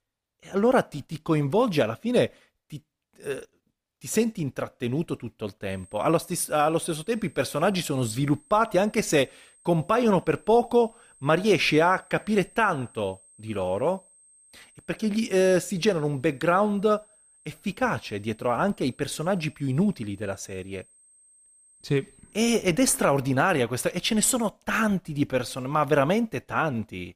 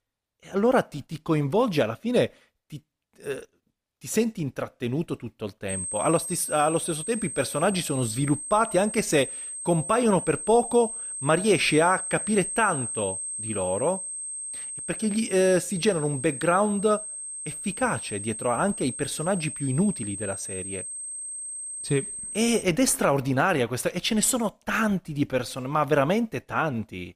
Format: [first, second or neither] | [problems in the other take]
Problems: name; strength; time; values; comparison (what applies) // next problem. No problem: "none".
first | high-pitched whine; loud; from 5.5 to 23 s; 8.5 kHz, 7 dB below the speech; faint in the first